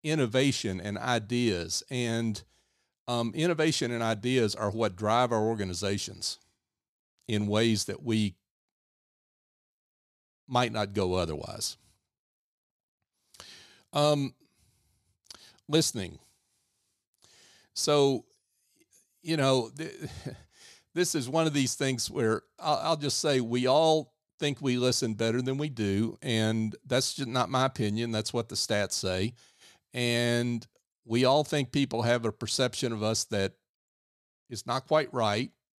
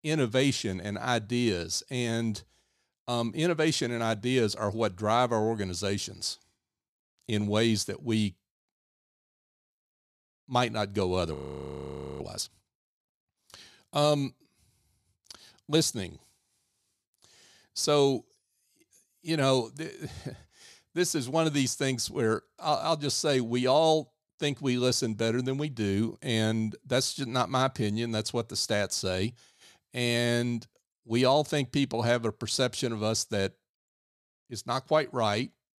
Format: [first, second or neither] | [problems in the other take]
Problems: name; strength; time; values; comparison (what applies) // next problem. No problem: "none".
first | audio freezing; at 11 s for 1 s